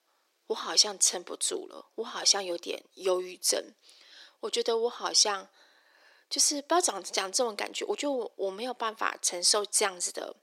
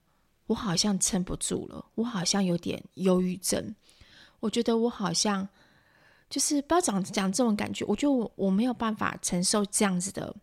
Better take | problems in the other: second | thin; very; fading below 350 Hz

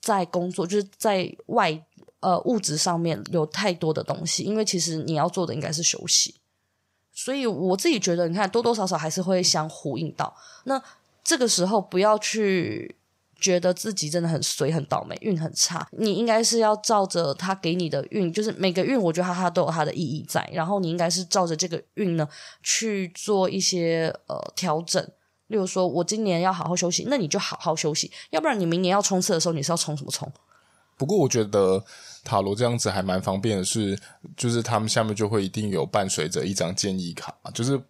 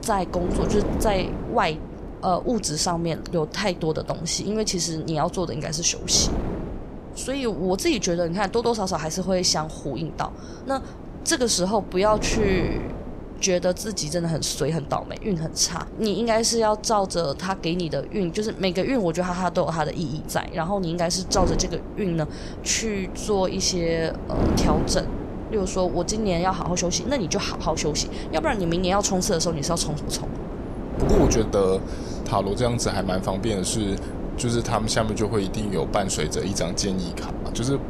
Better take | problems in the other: first | wind noise on the microphone; occasional gusts; 10 dB below the speech

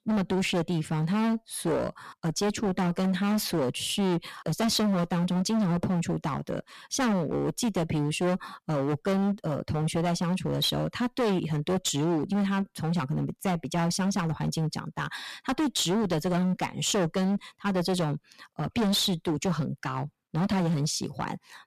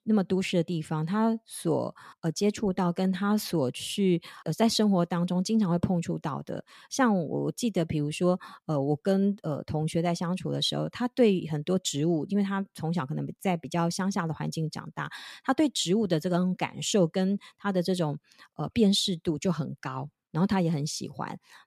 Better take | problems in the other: second | distortion; heavy; 20% of the sound clipped

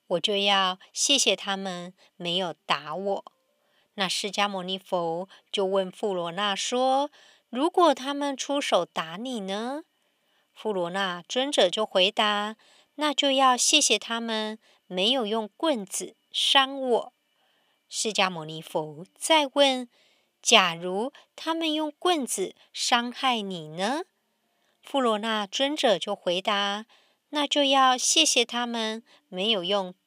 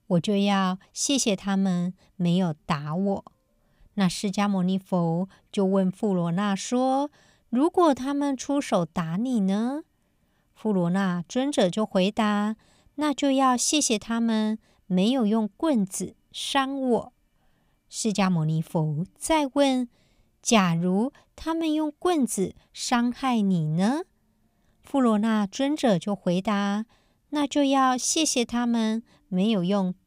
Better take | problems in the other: second | thin; somewhat; fading below 450 Hz

